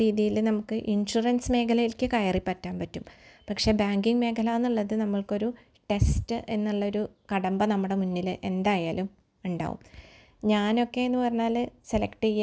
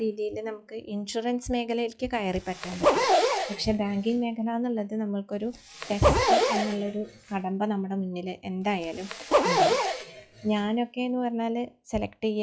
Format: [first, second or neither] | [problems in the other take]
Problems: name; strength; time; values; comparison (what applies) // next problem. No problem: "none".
first | noise reduction (classical method log-MMSE)